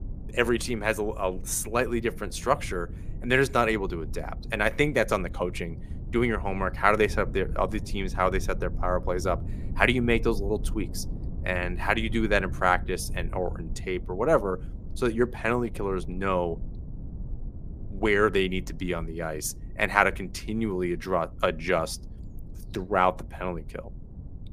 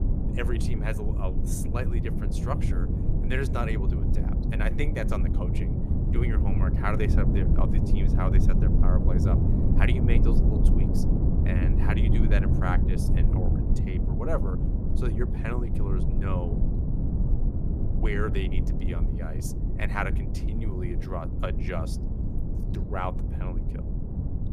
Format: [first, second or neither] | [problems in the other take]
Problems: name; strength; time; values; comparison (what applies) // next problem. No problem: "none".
first | low rumble; loud; throughout; 3 dB below the speech; faint in the first